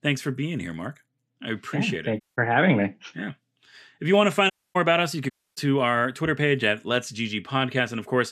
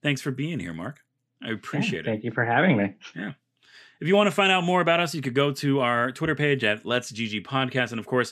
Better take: second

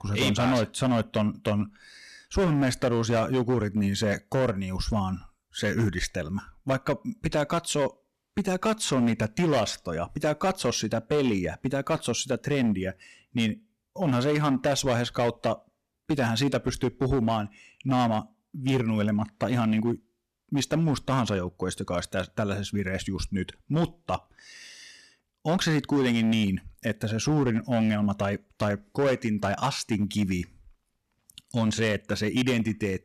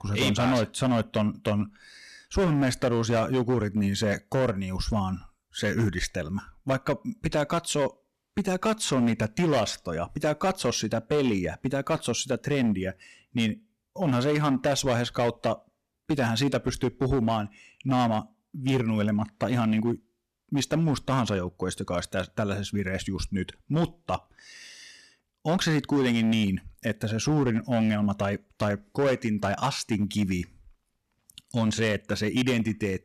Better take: neither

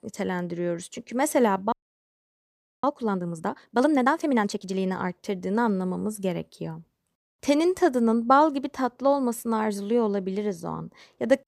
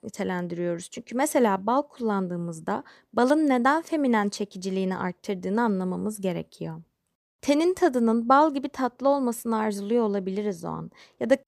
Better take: second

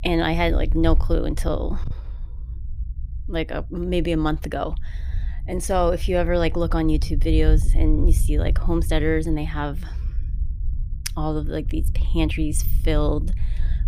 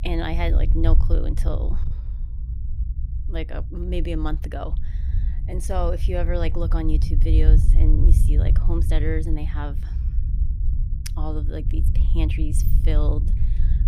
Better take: first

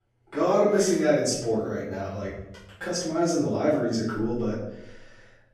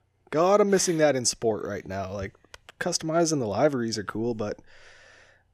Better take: second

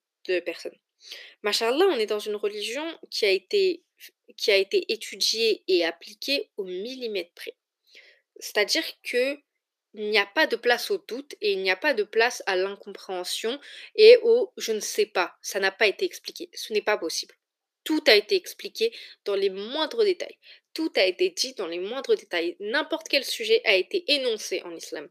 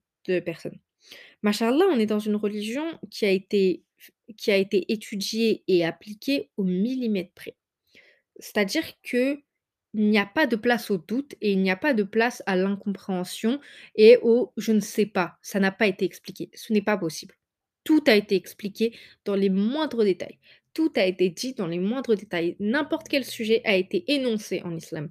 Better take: second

